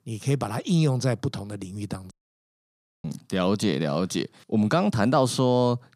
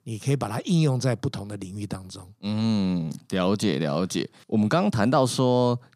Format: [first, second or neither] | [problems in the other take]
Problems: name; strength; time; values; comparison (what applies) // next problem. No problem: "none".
second | audio cutting out; at 2 s for 1 s